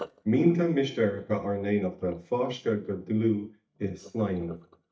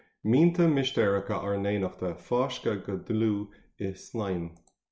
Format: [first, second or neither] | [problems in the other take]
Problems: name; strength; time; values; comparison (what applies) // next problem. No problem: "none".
second | noise reduction (neural mask model DeepFilterNet 3)